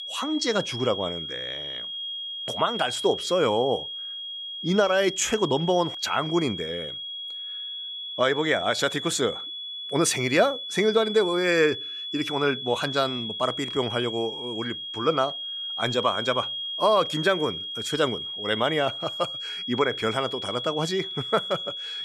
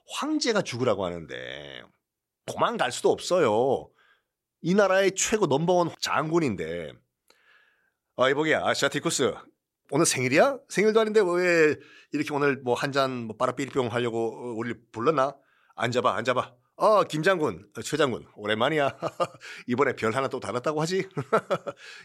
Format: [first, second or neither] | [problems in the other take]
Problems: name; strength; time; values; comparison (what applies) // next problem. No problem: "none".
second | high-pitched whine; loud; throughout; 3.5 kHz, 6 dB below the speech